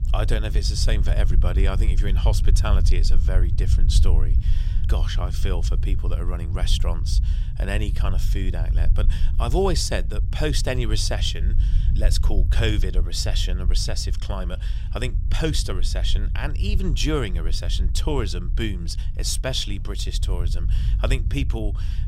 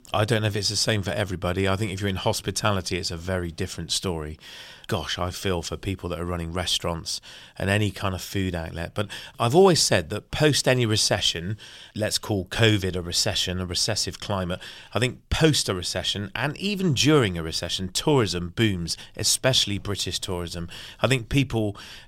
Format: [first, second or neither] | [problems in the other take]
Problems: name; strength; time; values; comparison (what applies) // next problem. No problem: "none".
second | low rumble; noticeable; throughout; 15 dB below the speech